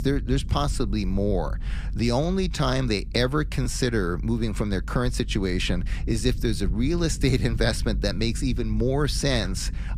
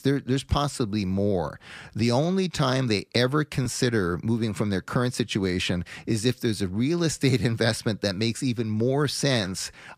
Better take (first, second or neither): second